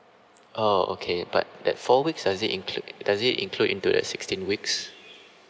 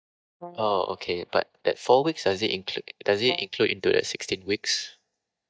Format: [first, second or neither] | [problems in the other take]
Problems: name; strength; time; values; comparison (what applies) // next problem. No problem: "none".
first | noise reduction (neural mask model DeepFilterNet 3)